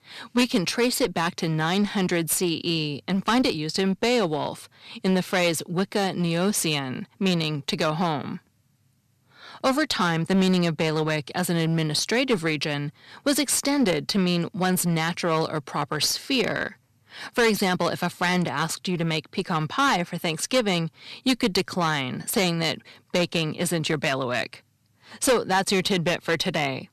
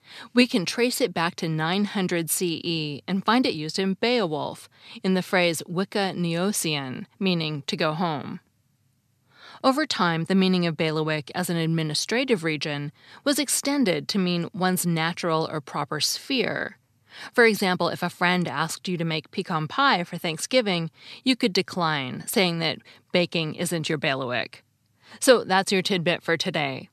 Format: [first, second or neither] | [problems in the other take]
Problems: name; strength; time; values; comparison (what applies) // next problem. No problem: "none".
second | distortion; slight; 7% of the sound clipped